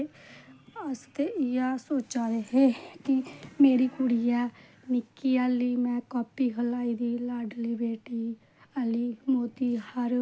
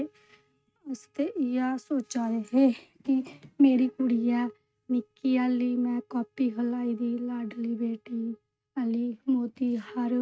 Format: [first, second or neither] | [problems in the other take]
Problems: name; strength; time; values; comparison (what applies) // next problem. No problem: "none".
first | noise reduction (neural mask model RNNoise)